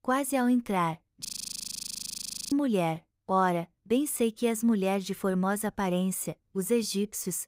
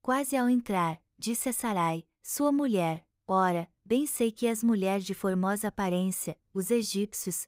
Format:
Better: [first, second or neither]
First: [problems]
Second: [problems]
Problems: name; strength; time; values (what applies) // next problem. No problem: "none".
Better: second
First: audio freezing; at 1.5 s for 1.5 s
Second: none